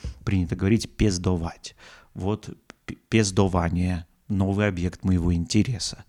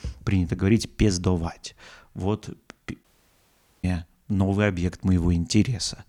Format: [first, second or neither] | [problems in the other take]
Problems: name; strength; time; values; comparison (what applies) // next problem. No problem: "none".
first | audio cutting out; at 3 s for 1 s